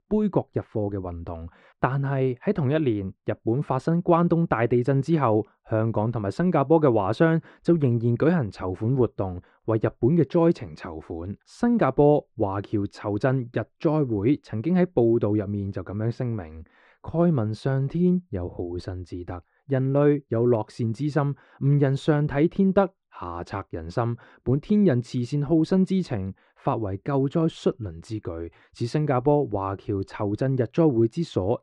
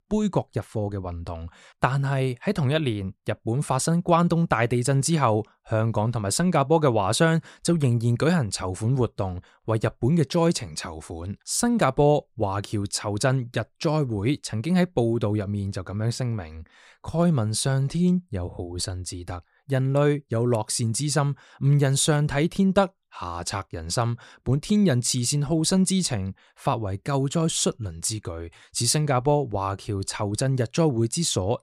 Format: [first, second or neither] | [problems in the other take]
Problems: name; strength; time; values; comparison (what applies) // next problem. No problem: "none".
second | muffled; very; fading above 2 kHz